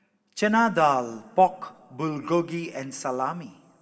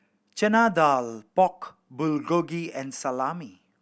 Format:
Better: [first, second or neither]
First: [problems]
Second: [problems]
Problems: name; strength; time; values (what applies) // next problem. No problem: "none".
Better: second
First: room echo; dies away in 2.5 s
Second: none